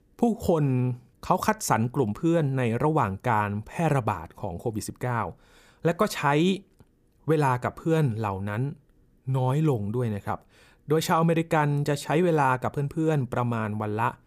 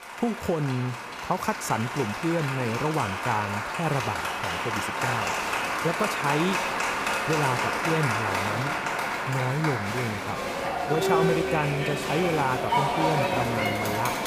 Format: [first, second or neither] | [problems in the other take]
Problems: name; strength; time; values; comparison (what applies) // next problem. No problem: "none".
first | crowd noise; very loud; throughout; 1 dB above the speech